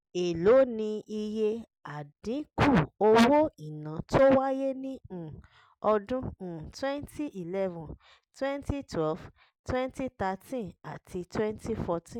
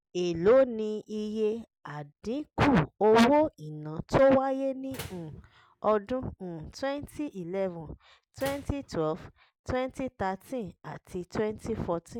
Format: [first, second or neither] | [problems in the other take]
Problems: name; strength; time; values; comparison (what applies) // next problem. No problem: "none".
first | background sound (Slam); 18 dB below the speech